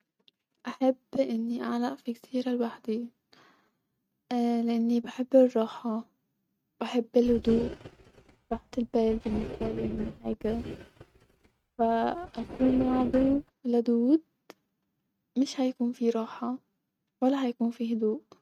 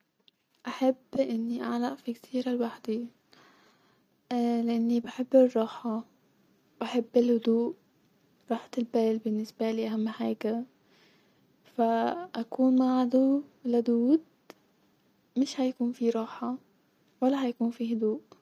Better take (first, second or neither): second